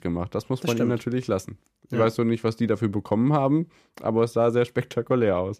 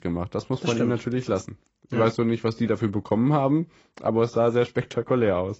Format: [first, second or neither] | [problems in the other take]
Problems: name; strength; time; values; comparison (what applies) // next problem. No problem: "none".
first | garbled, watery; badly; nothing above 7.5 kHz